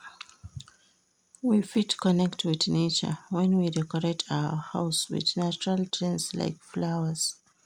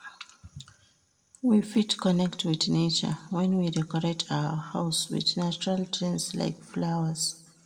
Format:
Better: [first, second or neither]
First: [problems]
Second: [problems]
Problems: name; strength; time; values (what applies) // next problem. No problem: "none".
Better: first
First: none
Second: room echo; dies away in 0.7 s